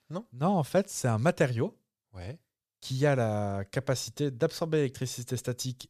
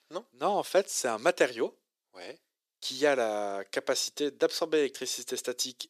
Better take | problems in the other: first | thin; somewhat; fading below 350 Hz

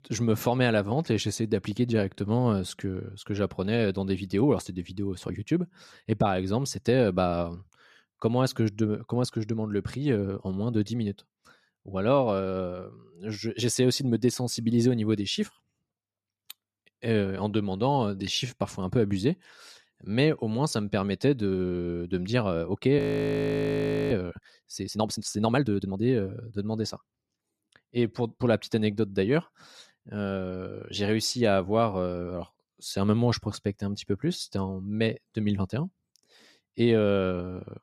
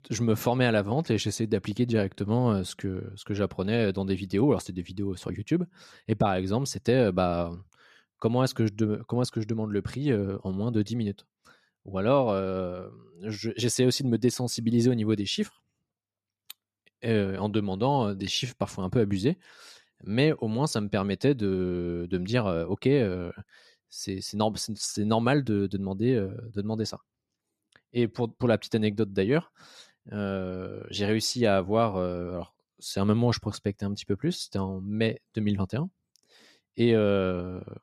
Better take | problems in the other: second | audio freezing; at 23 s for 1 s

